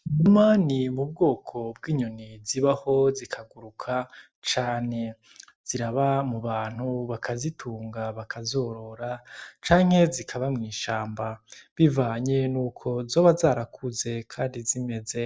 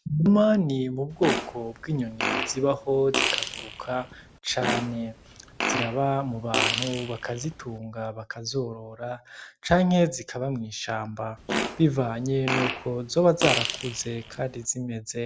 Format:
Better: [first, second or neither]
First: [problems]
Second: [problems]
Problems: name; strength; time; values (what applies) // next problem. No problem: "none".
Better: first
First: none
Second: background sound (Fart); 4 dB below the speech